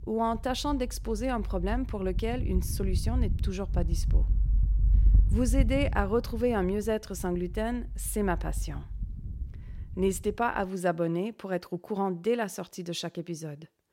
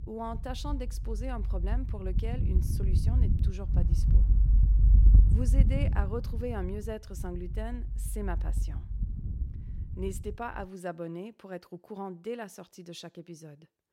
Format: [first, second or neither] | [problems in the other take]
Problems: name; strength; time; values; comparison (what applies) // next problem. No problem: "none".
first | wind noise on the microphone; heavy; until 11 s; 6 dB below the speech; occasional gusts in the first